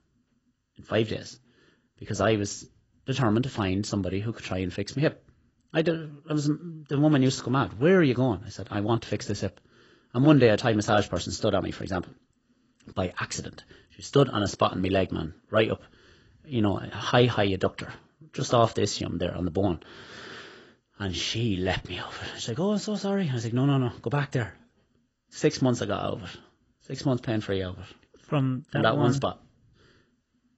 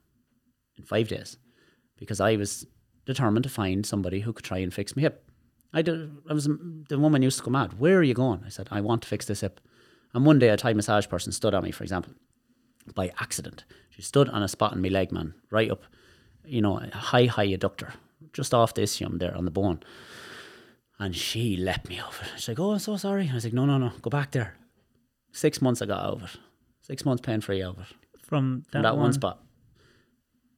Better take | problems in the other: second | garbled, watery; badly; nothing above 7.5 kHz

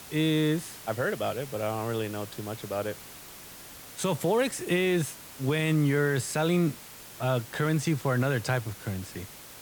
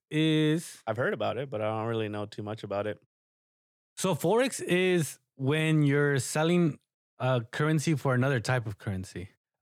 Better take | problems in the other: second | hiss; noticeable; throughout; 15 dB below the speech

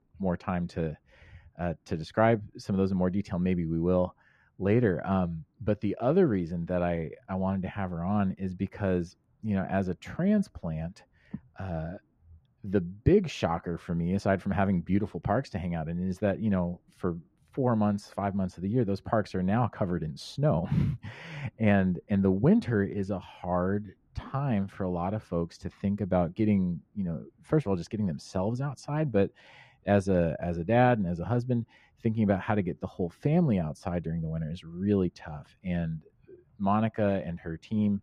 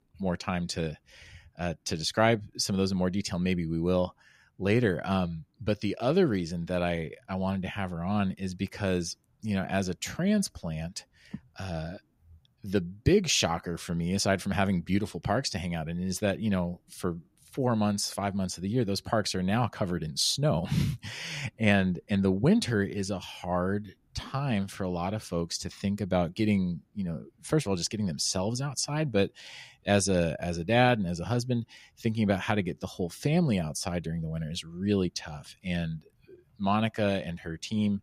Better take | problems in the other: second | muffled; very; fading above 2.5 kHz

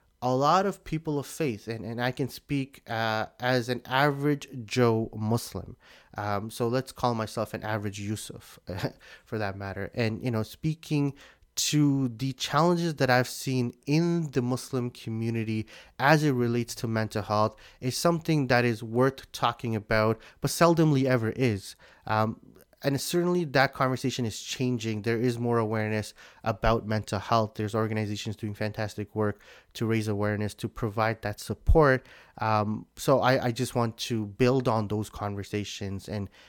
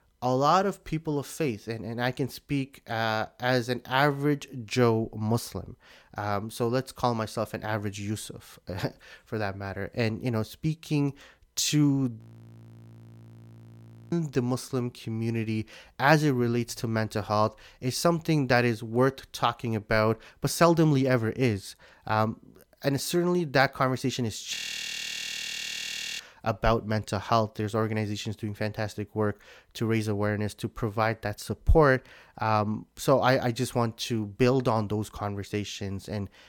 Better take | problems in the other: first | audio freezing; at 12 s for 2 s and at 25 s for 1.5 s

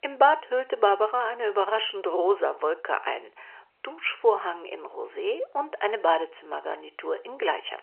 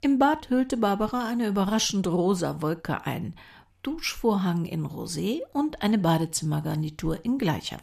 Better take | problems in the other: second | phone-call audio; nothing above 3 kHz

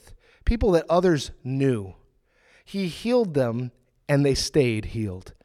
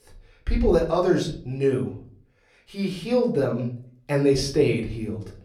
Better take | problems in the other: first | off-mic speech; somewhat distant // room echo; very slight; dies away in 0.4 s

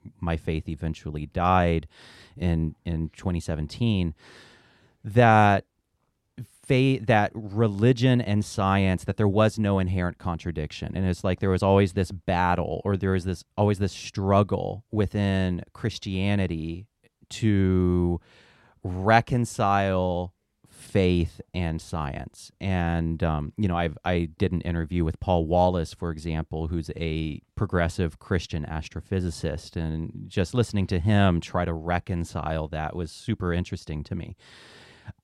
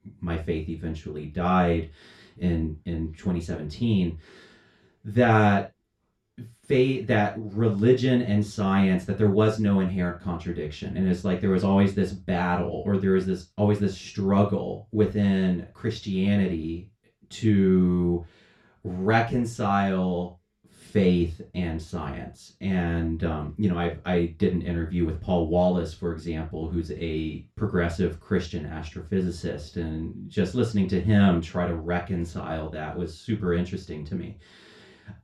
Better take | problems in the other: first | room echo; slight; dies away in 0.3 s // off-mic speech; far

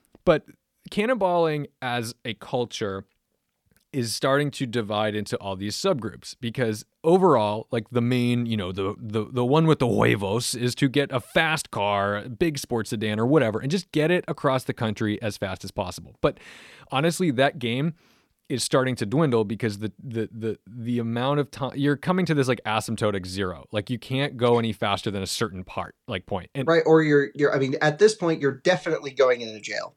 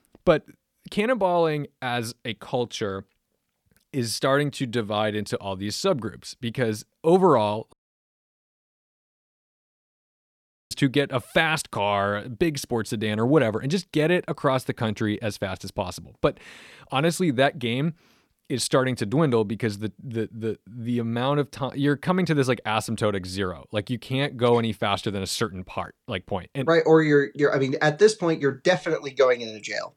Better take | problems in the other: first | audio cutting out; at 7.5 s for 3 s

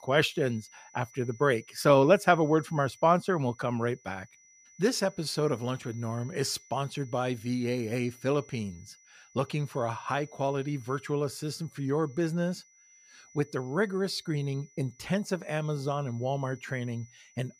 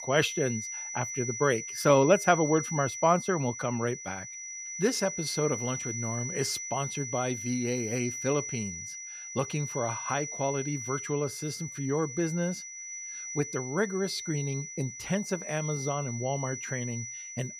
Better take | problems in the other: first | high-pitched whine; loud; throughout; 6 kHz, 6 dB below the speech; faint in the first

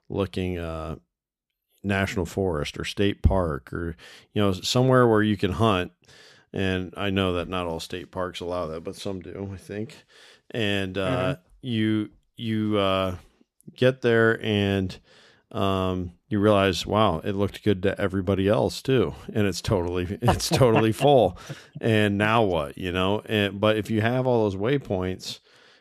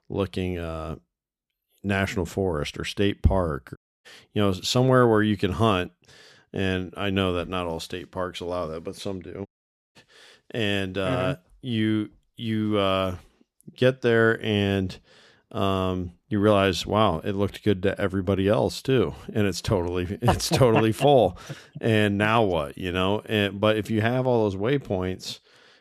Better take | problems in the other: first | audio cutting out; at 4 s and at 9.5 s

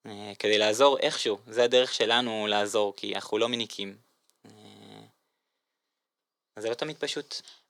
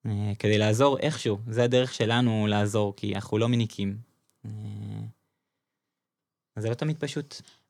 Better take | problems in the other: second | thin; very; fading below 500 Hz

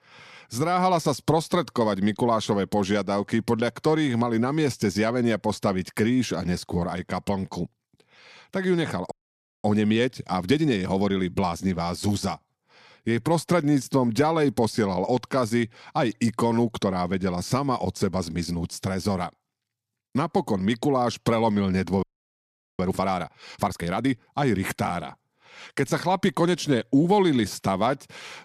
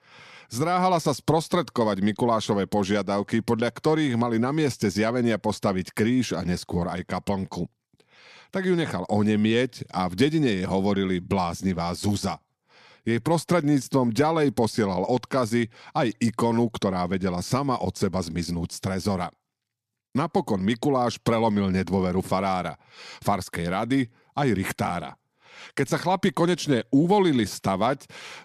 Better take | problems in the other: second | audio freezing; at 9 s for 0.5 s and at 22 s for 1 s

